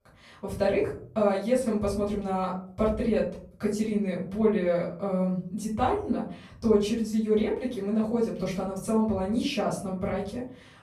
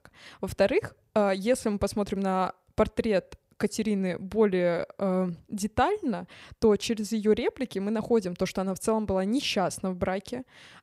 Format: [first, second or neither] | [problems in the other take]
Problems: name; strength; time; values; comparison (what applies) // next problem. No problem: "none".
second | room echo; slight; dies away in 0.6 s // off-mic speech; far